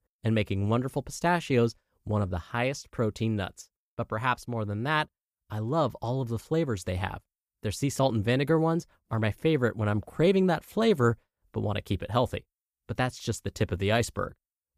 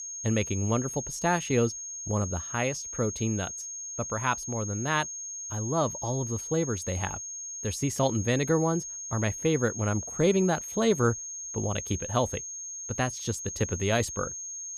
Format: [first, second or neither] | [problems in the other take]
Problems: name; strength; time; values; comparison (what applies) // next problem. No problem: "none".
first | high-pitched whine; loud; throughout; 6.5 kHz, 6 dB below the speech